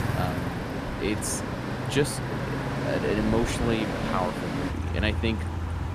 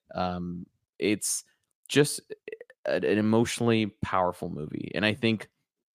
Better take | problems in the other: second | traffic noise; loud; throughout; as loud as the speech

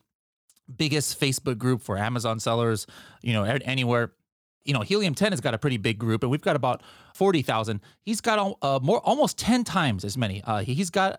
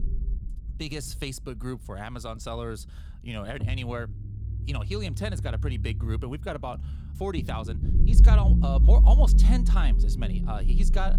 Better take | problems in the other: first | low rumble; loud; throughout; 6 dB below the speech

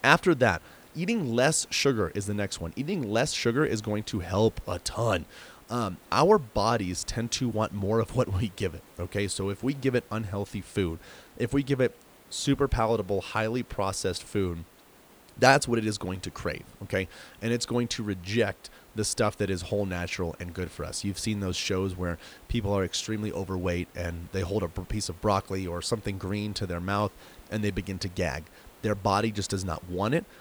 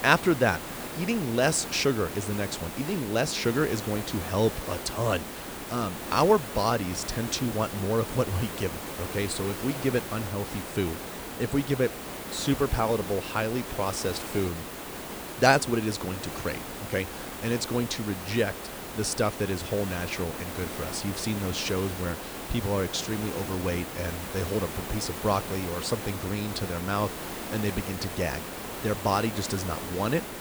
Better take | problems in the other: first | hiss; loud; throughout; 7 dB below the speech; faint in the first

